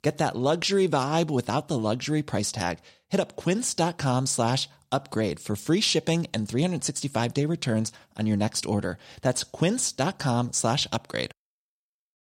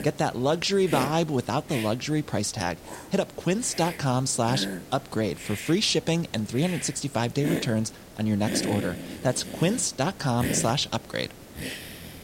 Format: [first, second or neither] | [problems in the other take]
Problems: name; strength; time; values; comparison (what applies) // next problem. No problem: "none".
first | hiss; loud; throughout; 10 dB below the speech